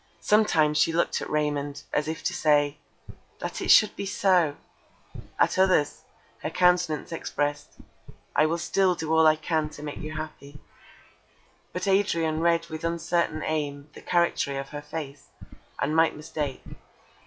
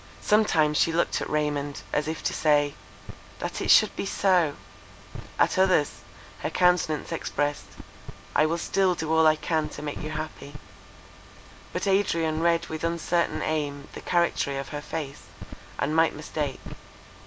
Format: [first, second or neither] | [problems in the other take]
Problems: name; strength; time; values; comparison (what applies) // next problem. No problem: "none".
second | noise reduction (classical method log-MMSE)